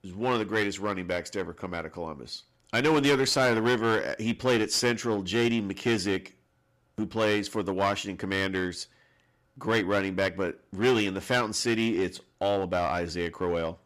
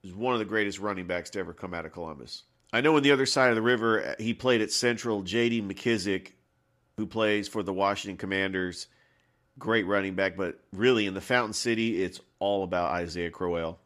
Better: second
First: distortion; slight; 6% of the sound clipped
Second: none

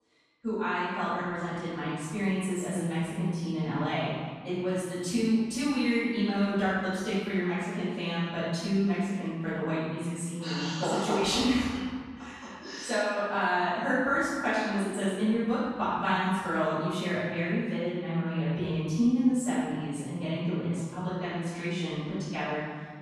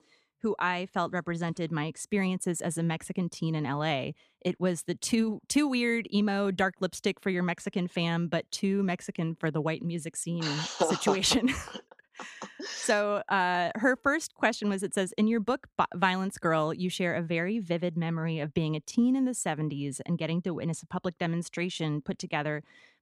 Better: second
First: off-mic speech; far // room echo; strong; dies away in 1.6 s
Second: none

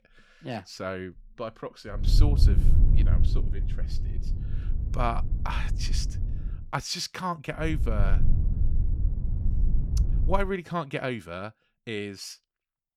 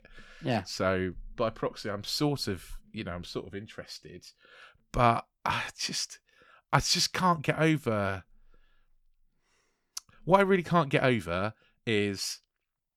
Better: second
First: low rumble; noticeable; from 2 to 6.5 s and from 7.5 to 10 s; 10 dB below the speech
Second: none

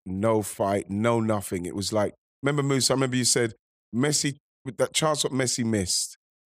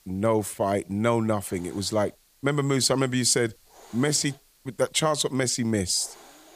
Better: first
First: none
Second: hiss; faint; throughout; 30 dB below the speech

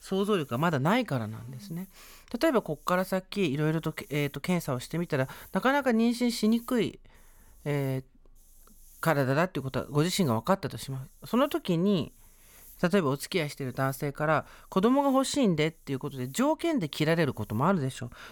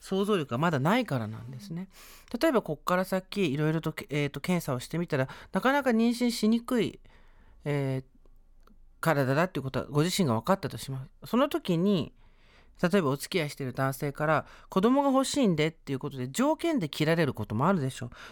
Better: second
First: hiss; faint; throughout; 25 dB below the speech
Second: none

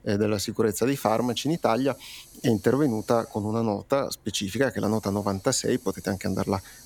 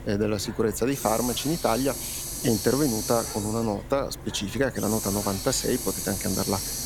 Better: first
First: hiss; faint; throughout; 25 dB below the speech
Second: hiss; loud; throughout; 5 dB below the speech

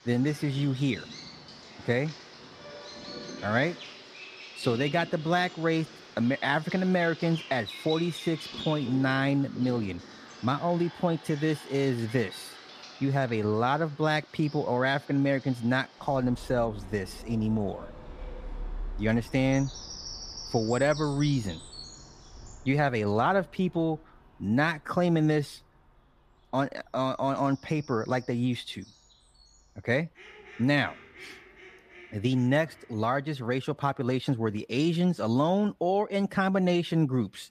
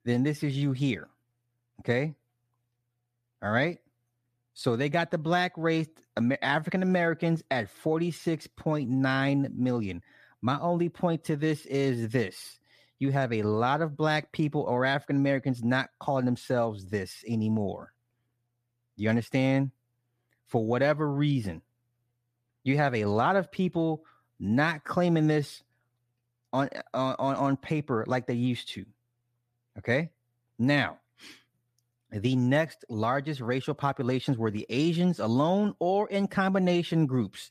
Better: second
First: animal sounds; noticeable; throughout; 15 dB below the speech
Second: none

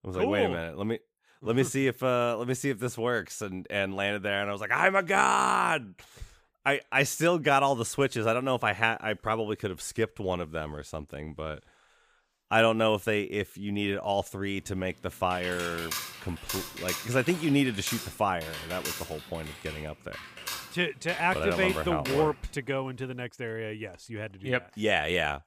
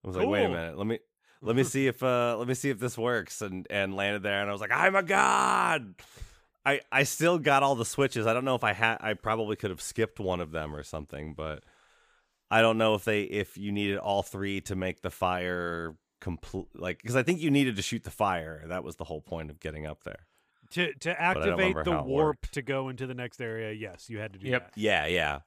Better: second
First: keyboard typing; noticeable; from 15 to 22 s; peak 5 dB below the speech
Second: none

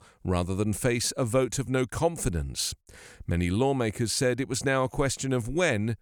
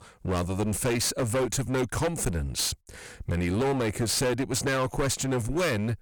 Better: first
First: none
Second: distortion; heavy; 22% of the sound clipped

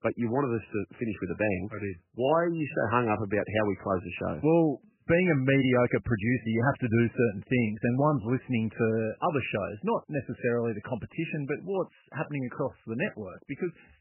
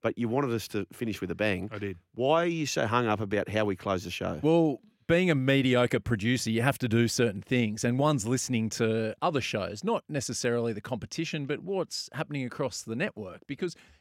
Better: second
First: garbled, watery; badly; nothing above 3 kHz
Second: none

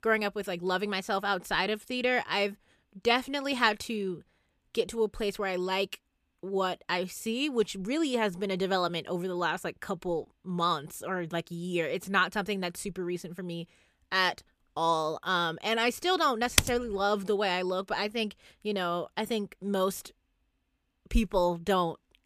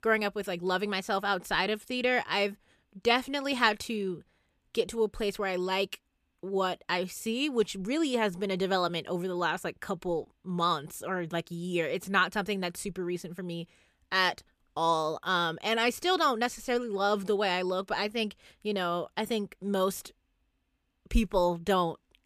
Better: second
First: keyboard typing; very faint; at 17 s; peak 4 dB above the speech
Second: none

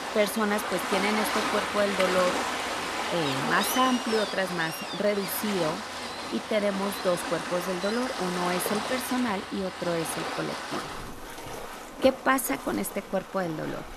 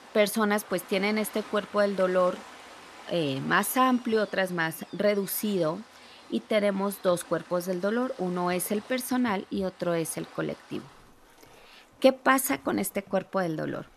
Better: second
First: rain or running water; loud; throughout; 3 dB below the speech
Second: rain or running water; faint; throughout; 20 dB below the speech

